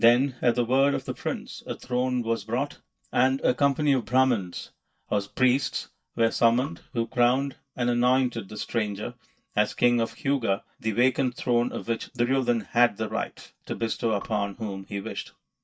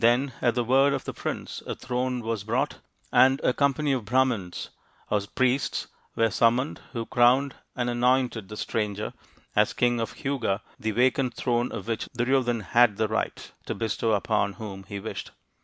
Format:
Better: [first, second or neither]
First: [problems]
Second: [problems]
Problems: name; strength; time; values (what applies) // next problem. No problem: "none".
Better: second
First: noise reduction (neural mask model DeepFilterNet 3)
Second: none